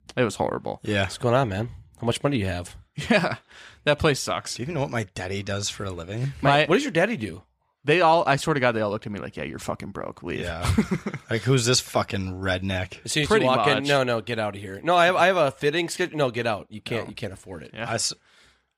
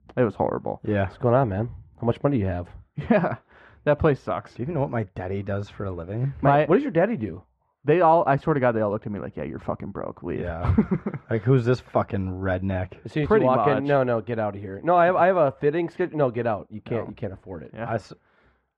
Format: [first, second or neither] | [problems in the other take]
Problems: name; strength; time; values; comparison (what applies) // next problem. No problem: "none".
first | muffled; very; fading above 3 kHz